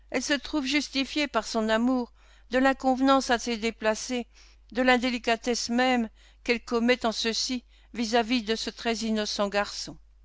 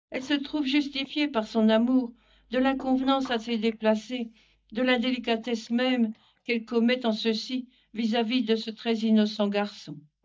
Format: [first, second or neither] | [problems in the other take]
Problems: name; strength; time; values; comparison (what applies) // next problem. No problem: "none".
first | noise reduction (neural mask model DeepFilterNet 3)